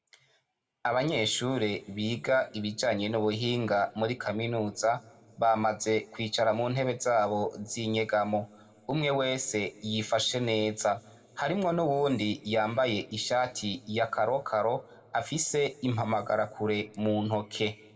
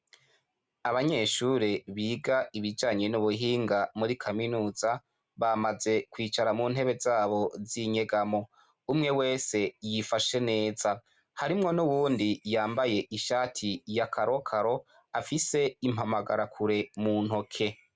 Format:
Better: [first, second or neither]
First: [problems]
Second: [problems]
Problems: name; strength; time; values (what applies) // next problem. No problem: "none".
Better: second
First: room echo; dies away in 1.2 s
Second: none